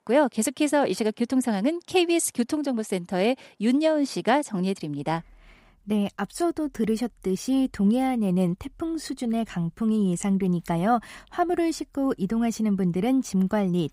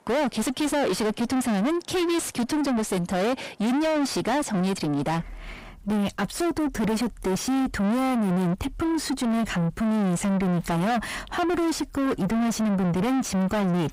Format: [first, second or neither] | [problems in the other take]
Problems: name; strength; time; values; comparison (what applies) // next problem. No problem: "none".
first | distortion; heavy; 5 dB below the speech